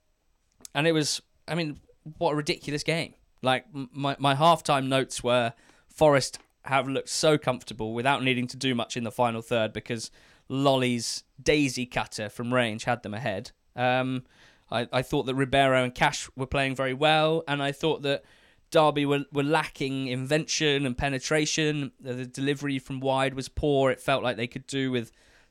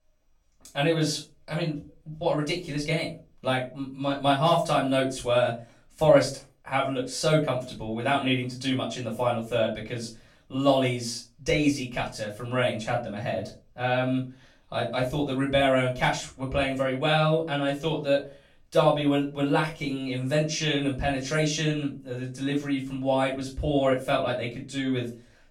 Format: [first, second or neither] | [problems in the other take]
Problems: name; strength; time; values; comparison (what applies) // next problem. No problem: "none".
first | off-mic speech; far // room echo; slight; dies away in 0.3 s